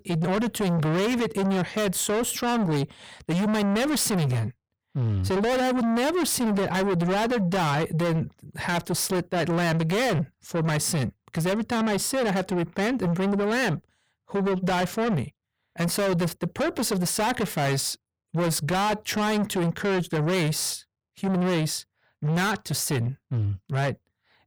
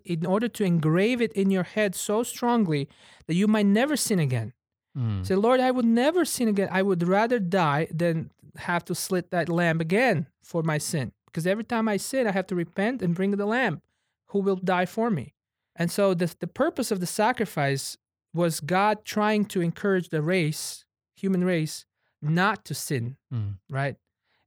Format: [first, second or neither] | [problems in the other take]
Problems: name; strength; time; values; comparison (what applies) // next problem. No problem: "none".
second | distortion; heavy; 6 dB below the speech